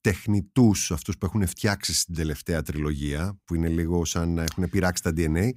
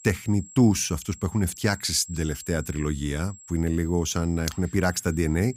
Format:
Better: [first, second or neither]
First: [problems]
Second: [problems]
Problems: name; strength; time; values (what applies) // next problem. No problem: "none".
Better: first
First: none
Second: high-pitched whine; noticeable; throughout; 7.5 kHz, 20 dB below the speech